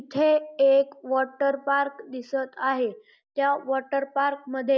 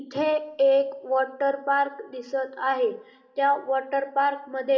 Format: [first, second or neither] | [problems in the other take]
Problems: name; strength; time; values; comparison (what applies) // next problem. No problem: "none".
first | room echo; dies away in 2 s